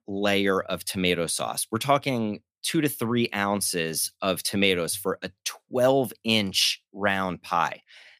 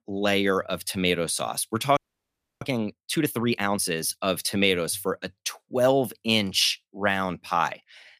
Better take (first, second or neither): first